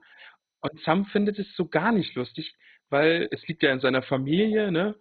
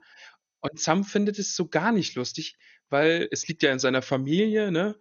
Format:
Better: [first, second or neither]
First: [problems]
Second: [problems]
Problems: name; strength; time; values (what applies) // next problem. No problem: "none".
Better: second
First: garbled, watery; badly; nothing above 4 kHz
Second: garbled, watery; slightly; nothing above 6.5 kHz